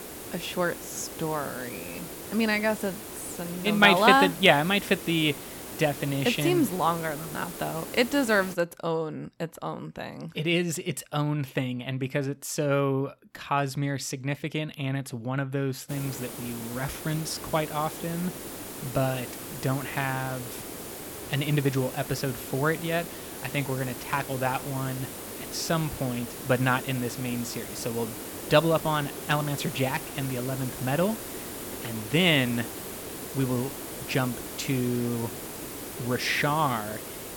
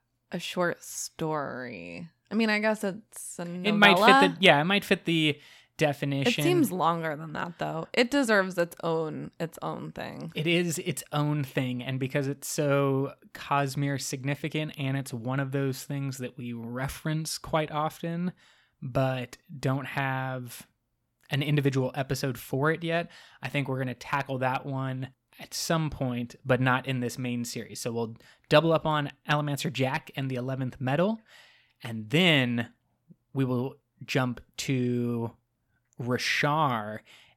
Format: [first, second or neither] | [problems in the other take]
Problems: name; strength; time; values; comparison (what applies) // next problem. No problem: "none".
second | hiss; loud; until 8.5 s and from 16 s on; 9 dB below the speech